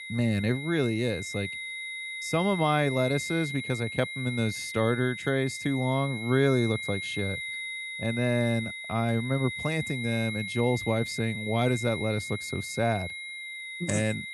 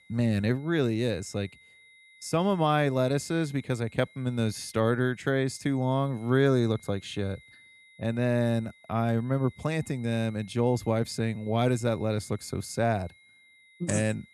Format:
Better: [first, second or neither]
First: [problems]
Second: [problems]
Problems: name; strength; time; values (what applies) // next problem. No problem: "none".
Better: second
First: high-pitched whine; loud; throughout; 2 kHz, 6 dB below the speech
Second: high-pitched whine; faint; throughout; 2 kHz, 25 dB below the speech